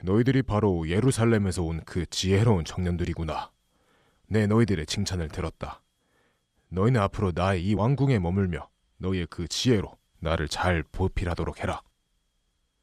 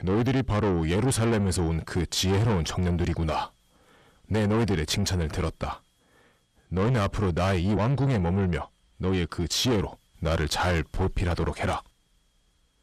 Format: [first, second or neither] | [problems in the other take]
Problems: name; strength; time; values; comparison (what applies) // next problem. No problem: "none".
first | distortion; heavy; 7 dB below the speech